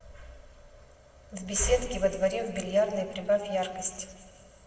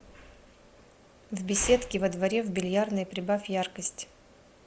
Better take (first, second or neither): second